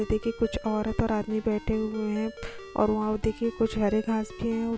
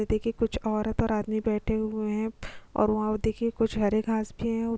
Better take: second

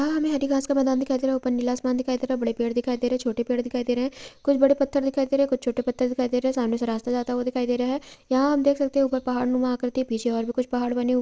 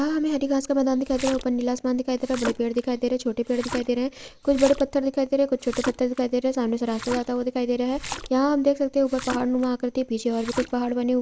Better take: first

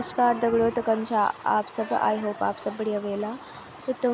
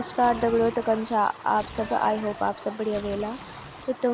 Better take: first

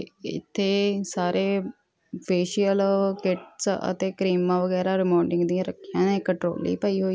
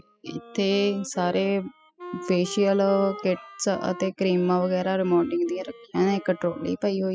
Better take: first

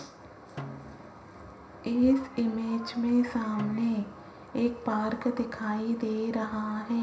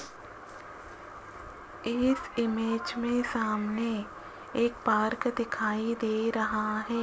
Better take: second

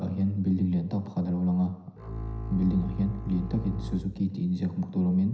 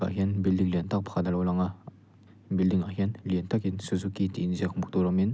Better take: second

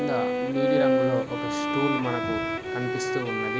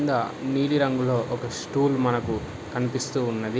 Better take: second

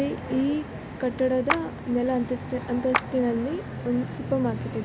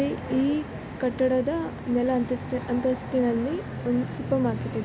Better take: second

